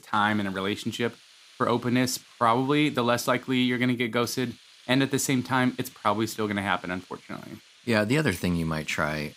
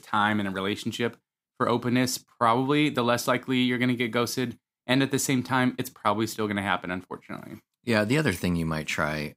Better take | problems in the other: second | hiss; faint; throughout; 25 dB below the speech

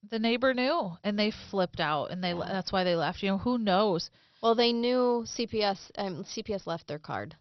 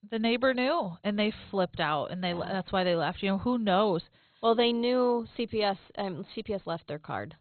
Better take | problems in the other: first | garbled, watery; badly; nothing above 4 kHz; slightly in the first

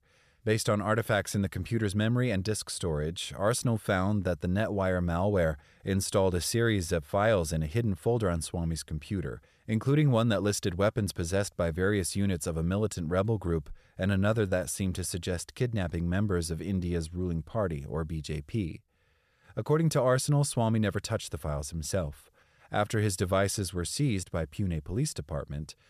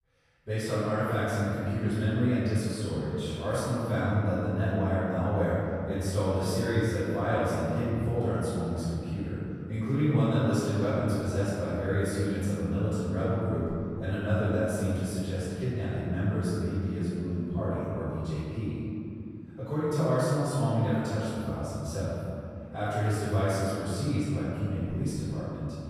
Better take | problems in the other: first | off-mic speech; far // room echo; strong; dies away in 3 s

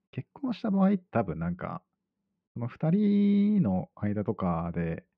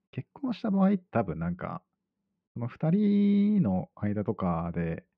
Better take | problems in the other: neither | muffled; very; fading above 3 kHz; the same in both

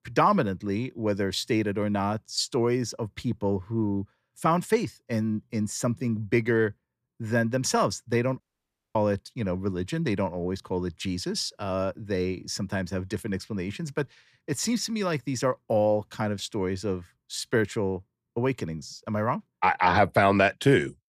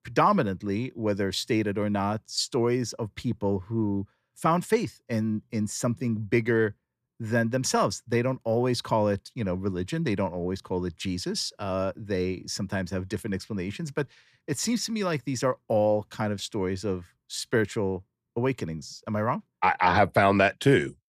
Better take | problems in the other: second | audio cutting out; at 8.5 s for 0.5 s

